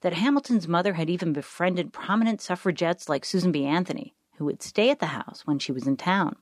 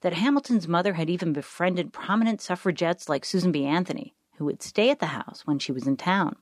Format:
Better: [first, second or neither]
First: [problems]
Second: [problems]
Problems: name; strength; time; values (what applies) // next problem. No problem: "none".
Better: neither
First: none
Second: none